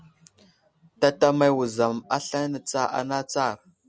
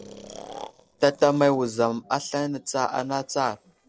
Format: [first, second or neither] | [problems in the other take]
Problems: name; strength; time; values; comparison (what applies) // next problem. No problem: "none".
first | noise reduction (neural separator model SepFormer DNS4)